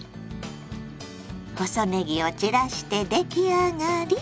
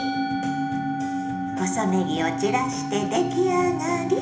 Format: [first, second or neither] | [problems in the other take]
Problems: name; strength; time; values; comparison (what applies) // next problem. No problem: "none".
first | background sound (Musical instrument); 3 dB below the speech // room echo; dies away in 1 s